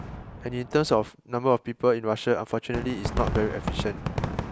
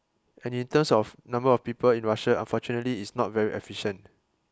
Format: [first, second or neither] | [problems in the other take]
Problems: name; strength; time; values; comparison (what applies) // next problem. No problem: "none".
second | background sound (Fireworks); 6 dB below the speech